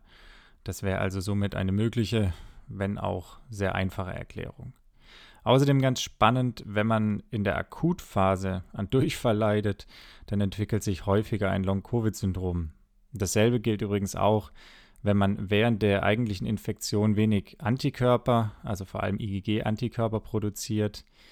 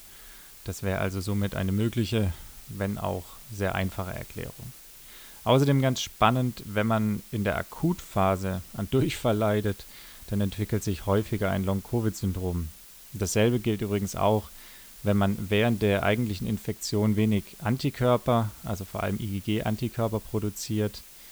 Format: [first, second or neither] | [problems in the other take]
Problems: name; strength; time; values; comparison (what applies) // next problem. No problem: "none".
first | hiss; noticeable; throughout; 20 dB below the speech